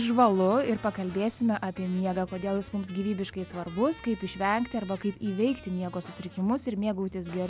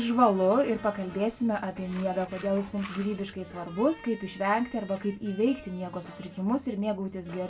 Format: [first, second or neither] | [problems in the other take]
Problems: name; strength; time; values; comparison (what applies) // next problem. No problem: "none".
first | background sound (Tools); 19 dB below the speech // room echo; dies away in 0.2 s